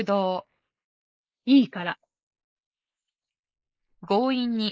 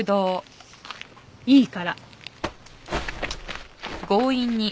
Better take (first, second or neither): second